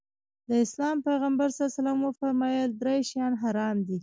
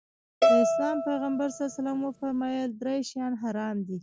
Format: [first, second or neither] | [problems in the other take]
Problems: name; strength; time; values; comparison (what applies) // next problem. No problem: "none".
first | background sound (Bowed string instrument); 3 dB above the speech